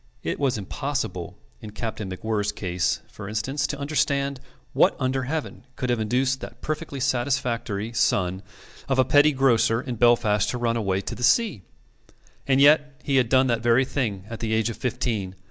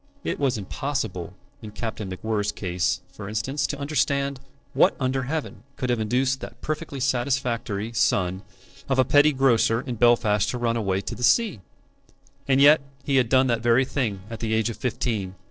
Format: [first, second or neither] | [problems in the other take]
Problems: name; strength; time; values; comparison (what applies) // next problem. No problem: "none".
first | noise reduction (neural separator model SepFormer DNS4)